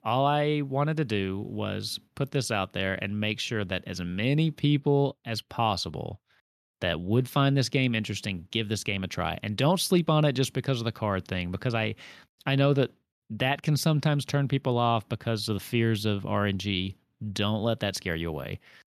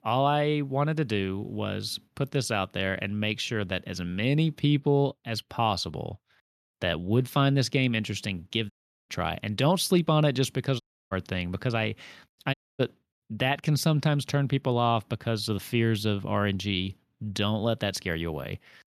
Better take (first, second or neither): first